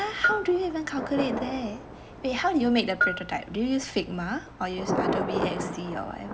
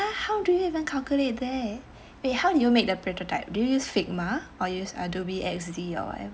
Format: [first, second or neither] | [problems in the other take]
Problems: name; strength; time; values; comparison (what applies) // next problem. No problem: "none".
second | background sound (Bell + Thunder); 3 dB below the speech